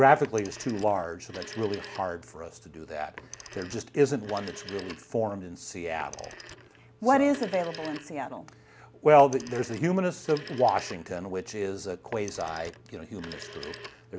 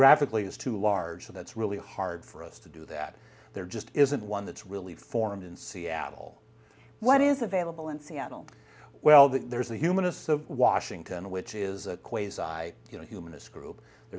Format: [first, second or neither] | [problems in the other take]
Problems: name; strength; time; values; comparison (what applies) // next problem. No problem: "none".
second | background sound (Telephone); 18 dB below the speech